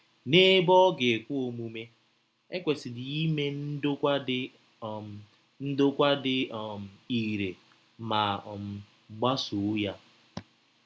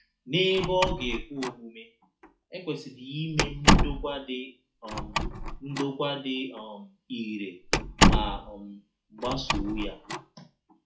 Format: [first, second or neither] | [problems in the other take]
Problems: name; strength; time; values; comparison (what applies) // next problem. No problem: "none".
first | noise reduction (classical method WPE with log-MMSE)